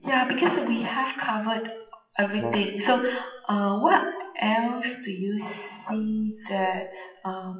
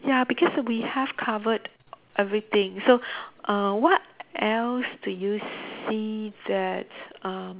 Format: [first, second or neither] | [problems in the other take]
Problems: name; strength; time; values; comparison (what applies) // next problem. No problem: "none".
second | noise reduction (classical method WPE with log-MMSE)